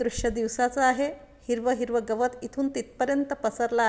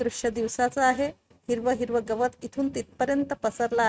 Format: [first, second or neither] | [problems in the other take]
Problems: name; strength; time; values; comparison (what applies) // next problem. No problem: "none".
first | noise reduction (neural mask model RNNoise)